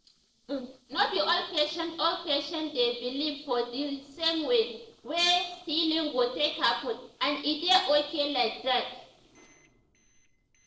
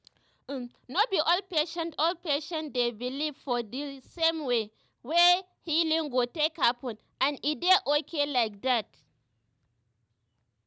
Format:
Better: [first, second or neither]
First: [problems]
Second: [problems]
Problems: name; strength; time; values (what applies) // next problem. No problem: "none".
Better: second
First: noise reduction (neural separator model SepFormer DNS4)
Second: none